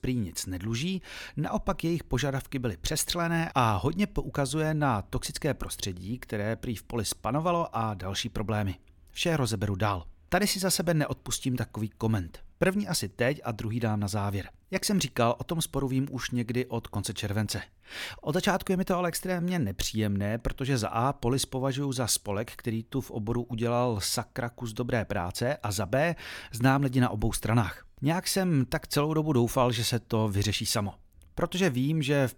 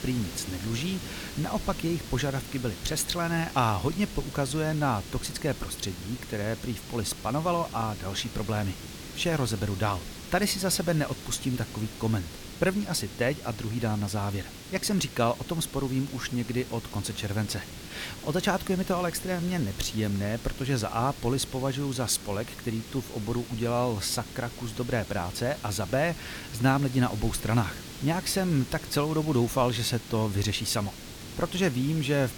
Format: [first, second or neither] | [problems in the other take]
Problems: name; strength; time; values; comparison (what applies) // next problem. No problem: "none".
first | hiss; noticeable; throughout; 10 dB below the speech